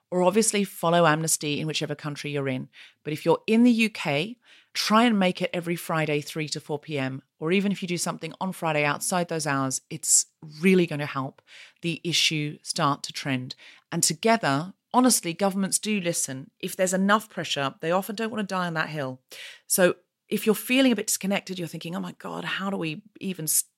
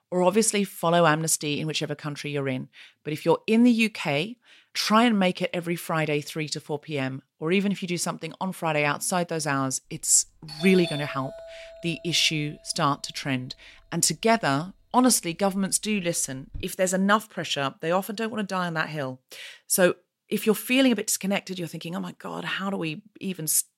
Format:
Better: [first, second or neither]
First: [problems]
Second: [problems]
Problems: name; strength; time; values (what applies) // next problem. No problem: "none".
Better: first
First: none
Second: doorbell; noticeable; from 10 to 17 s; peak 8 dB below the speech